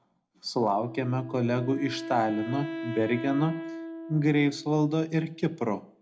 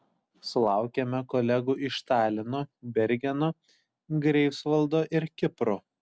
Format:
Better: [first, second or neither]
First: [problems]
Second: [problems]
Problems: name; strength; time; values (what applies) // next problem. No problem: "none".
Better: second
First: background sound (Wind instrument, woodwind instrument); 11 dB below the speech // room echo; dies away in 0.2 s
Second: none